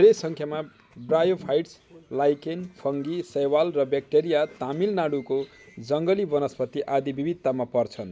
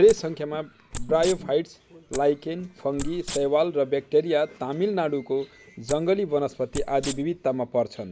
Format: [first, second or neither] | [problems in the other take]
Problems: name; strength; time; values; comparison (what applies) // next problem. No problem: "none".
first | background sound (Wild animals); 12 dB below the speech